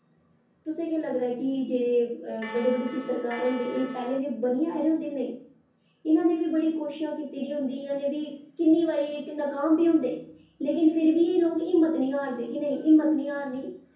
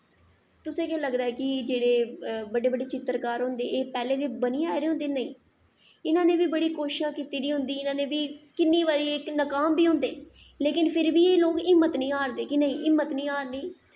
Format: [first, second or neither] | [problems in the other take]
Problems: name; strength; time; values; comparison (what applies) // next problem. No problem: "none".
second | background sound (Bell); 13 dB below the speech // room echo; dies away in 0.6 s